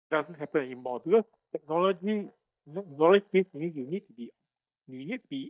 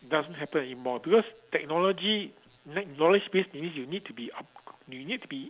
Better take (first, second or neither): second